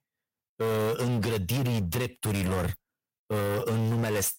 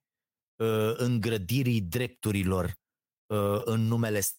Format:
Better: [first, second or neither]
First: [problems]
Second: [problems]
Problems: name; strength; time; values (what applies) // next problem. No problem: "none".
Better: second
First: distortion; heavy; 25% of the sound clipped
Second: none